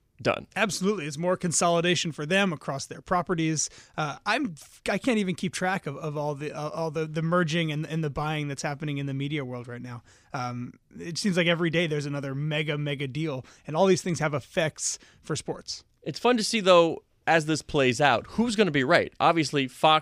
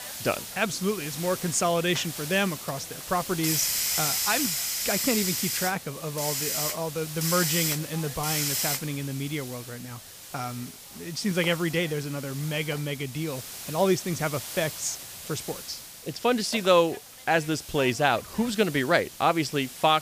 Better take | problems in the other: first | hiss; loud; throughout; 3 dB below the speech

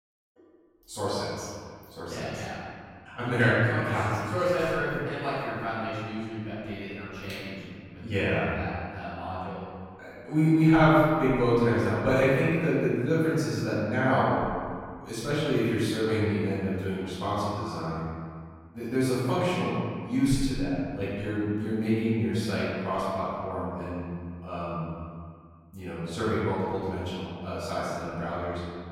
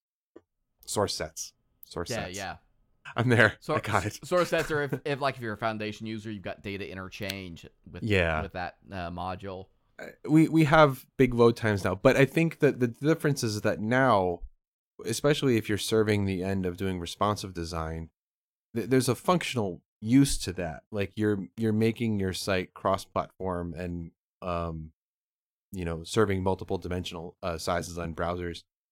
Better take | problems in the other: second | room echo; strong; dies away in 2 s // off-mic speech; far

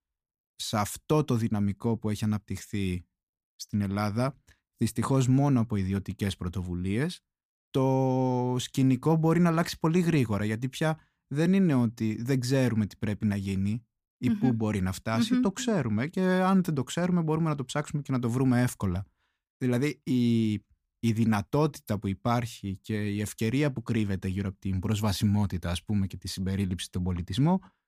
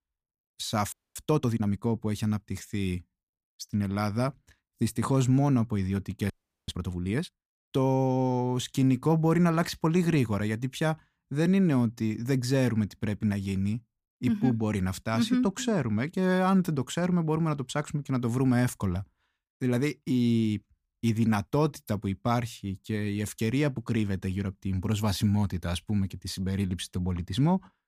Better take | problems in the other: first | audio freezing; at 1 s and at 6.5 s

